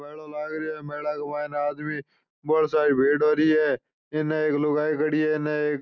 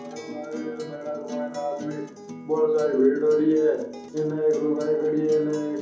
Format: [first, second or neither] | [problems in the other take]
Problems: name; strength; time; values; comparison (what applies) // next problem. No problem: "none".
first | background sound (Acoustic guitar); 15 dB below the speech // room echo; dies away in 2.8 s